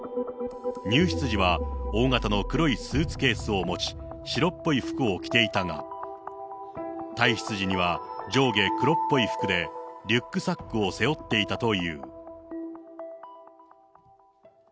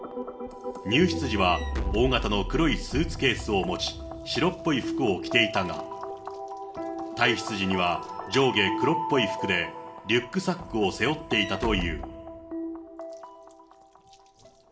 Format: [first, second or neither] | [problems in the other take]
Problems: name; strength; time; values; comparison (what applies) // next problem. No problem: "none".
first | background sound (Walk, footsteps / Slam); 17 dB below the speech // room echo; dies away in 1.4 s